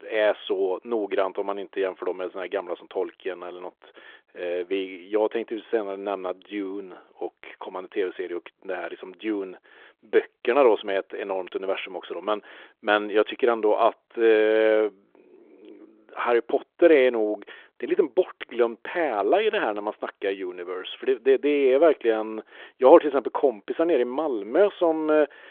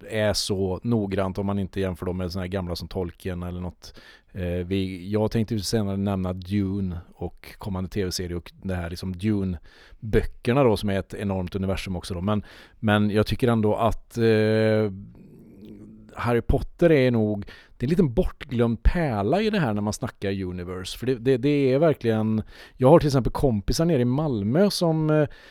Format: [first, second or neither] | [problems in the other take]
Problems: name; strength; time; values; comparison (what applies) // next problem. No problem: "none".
second | phone-call audio; nothing above 3.5 kHz